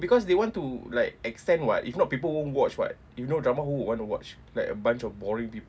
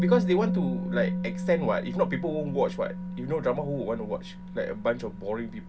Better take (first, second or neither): first